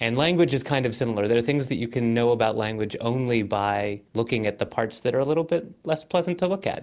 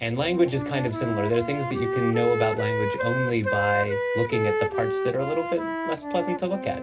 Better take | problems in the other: first | background sound (Wind instrument, woodwind instrument); 2 dB below the speech // room echo; dies away in 0.4 s

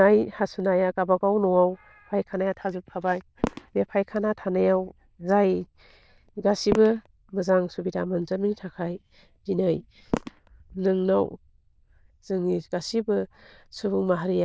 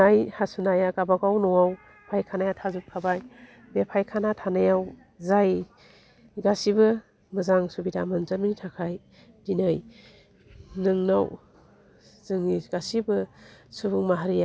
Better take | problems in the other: second | noise reduction (neural diffusion model UNIVERSE++)

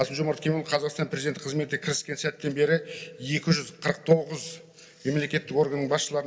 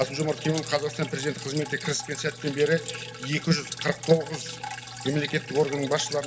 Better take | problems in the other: first | background sound (Drip); 11 dB below the speech

